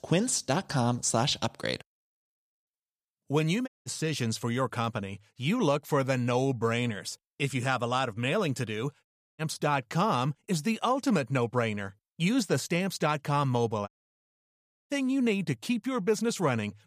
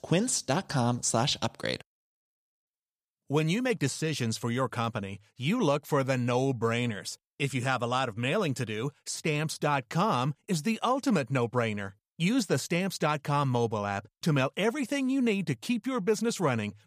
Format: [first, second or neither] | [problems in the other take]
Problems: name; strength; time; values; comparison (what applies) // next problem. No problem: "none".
second | audio cutting out; at 3.5 s, at 9 s and at 14 s for 1 s